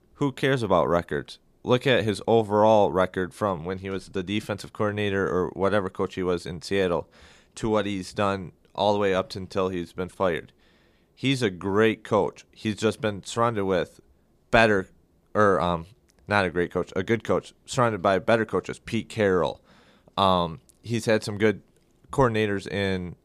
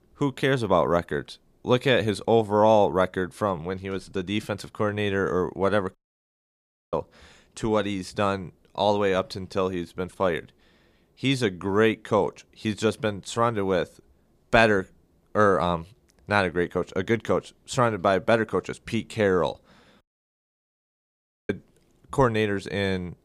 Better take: first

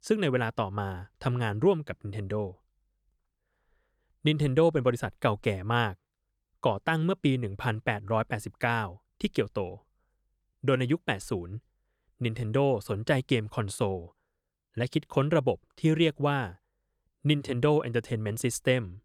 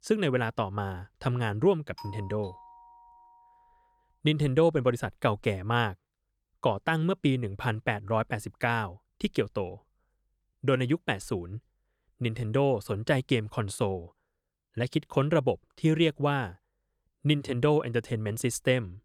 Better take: first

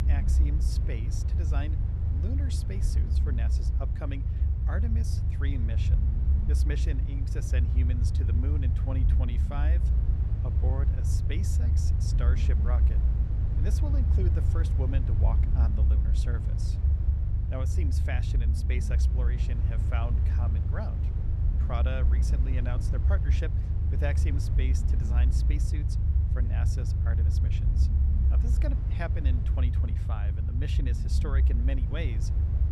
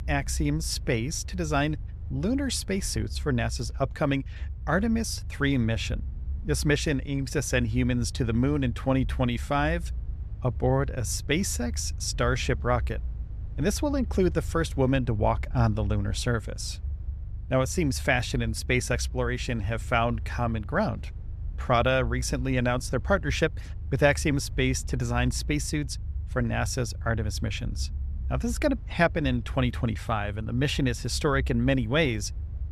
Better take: second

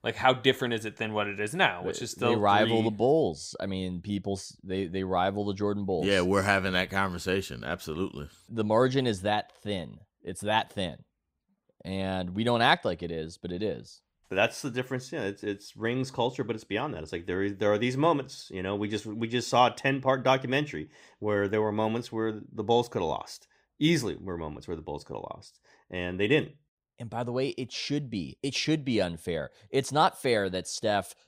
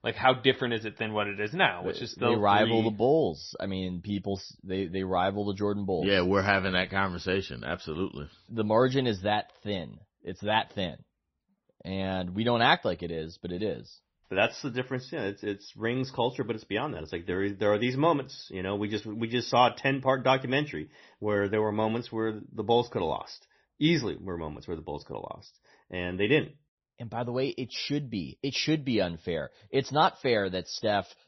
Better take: first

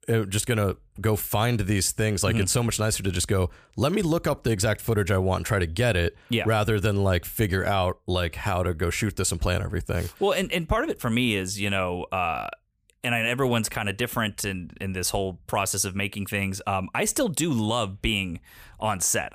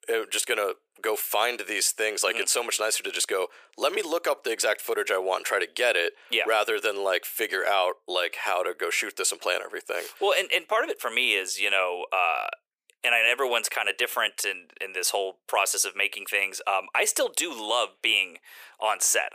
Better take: first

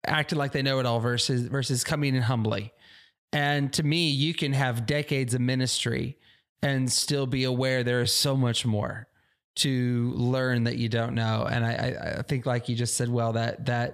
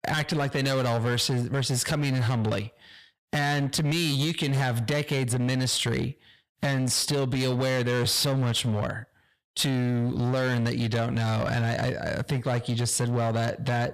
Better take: first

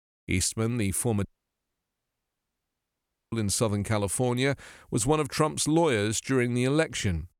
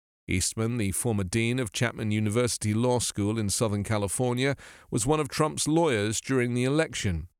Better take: second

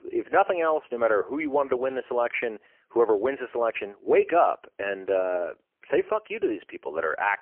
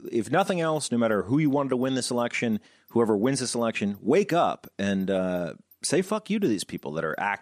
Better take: second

